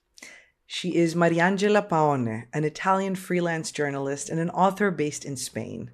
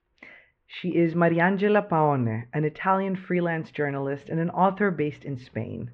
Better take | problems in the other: first | muffled; very; fading above 3 kHz

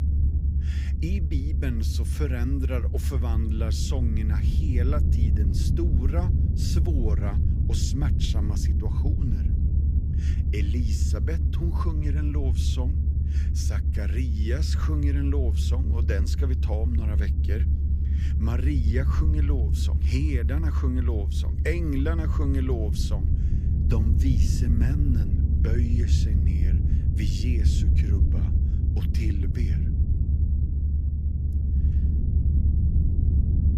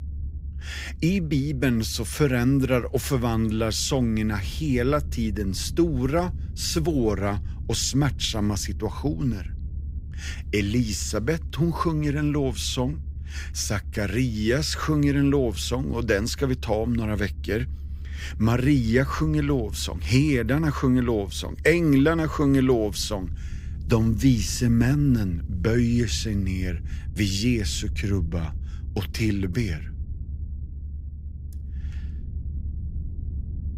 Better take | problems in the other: second | low rumble; loud; throughout; 3 dB below the speech; faint in the second

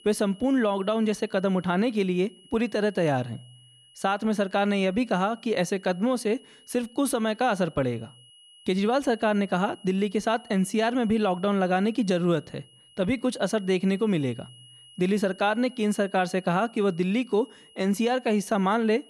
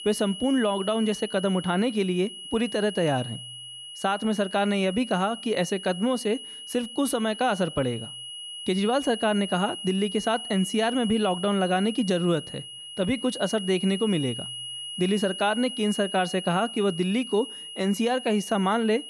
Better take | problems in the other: first | high-pitched whine; loud; throughout; 3 kHz, 10 dB below the speech; faint in the first

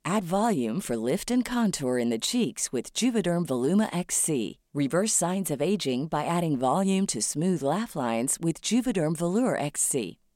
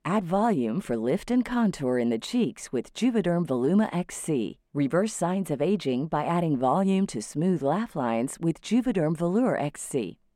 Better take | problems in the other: first | muffled; slightly; fading above 3.5 kHz

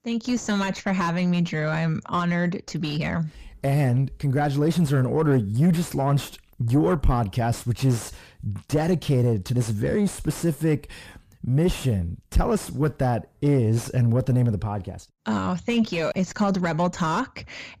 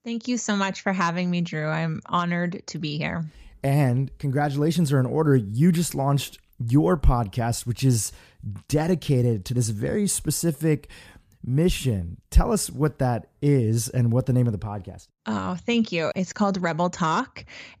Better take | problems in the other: second | distortion; slight; 9 dB below the speech

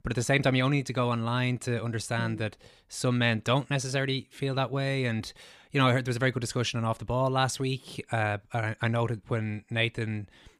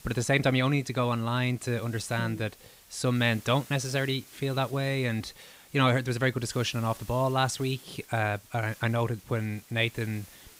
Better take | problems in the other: first | hiss; faint; throughout; 20 dB below the speech

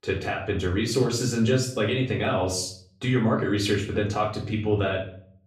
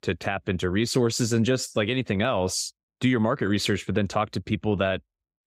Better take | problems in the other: second | room echo; slight; dies away in 0.4 s // off-mic speech; far

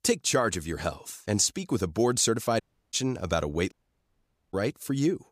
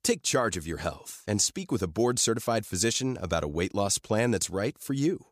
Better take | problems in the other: second | audio cutting out; at 2.5 s and at 3.5 s for 1 s

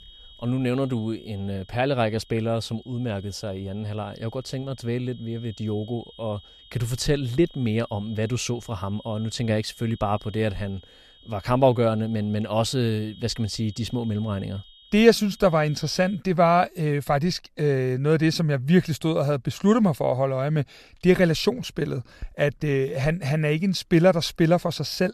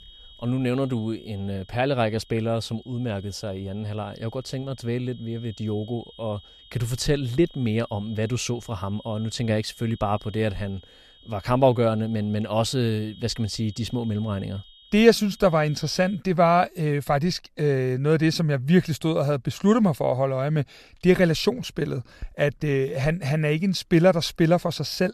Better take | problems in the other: neither | high-pitched whine; faint; until 16 s; 3 kHz, 25 dB below the speech; the same in both

